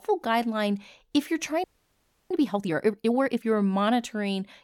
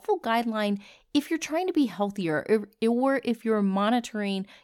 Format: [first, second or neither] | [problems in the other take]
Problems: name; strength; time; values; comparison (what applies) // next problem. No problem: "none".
second | audio freezing; at 1.5 s for 0.5 s